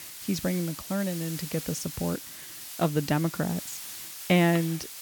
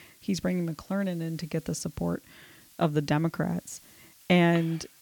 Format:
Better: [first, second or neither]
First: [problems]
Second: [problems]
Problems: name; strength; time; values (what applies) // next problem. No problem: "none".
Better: second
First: hiss; loud; throughout; 9 dB below the speech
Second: hiss; faint; throughout; 25 dB below the speech